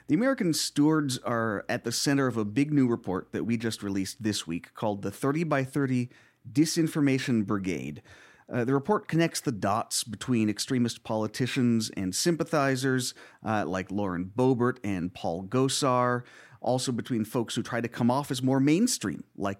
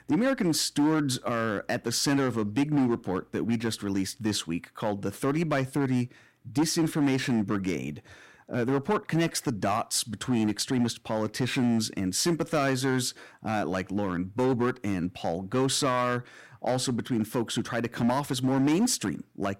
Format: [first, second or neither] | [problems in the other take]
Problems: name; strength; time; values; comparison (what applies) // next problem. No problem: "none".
first | distortion; slight; 7% of the sound clipped